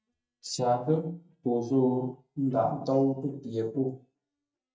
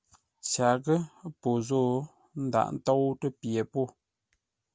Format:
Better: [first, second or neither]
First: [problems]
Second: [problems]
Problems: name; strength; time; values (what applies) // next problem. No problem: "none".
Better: second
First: noise reduction (neural mask model DeepFilterNet 3)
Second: none